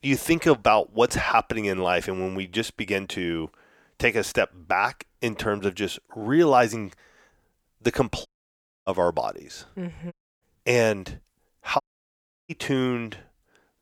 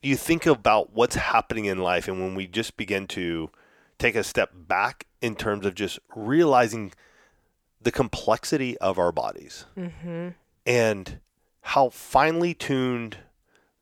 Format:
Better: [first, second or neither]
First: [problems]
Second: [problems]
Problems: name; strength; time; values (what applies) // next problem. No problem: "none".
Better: second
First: audio cutting out; at 8.5 s for 0.5 s, at 10 s and at 12 s for 0.5 s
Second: none